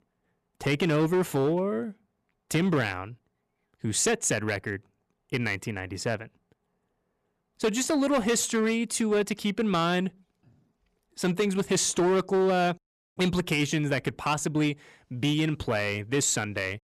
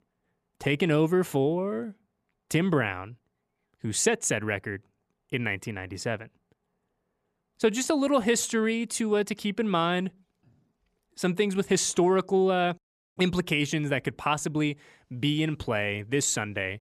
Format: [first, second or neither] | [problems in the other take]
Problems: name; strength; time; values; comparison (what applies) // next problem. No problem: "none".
second | distortion; slight; 7% of the sound clipped